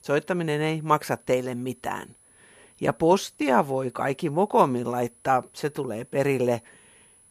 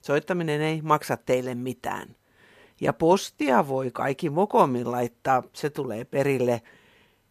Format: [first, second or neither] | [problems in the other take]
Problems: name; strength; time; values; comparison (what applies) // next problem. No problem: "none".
second | high-pitched whine; faint; throughout; 10 kHz, 30 dB below the speech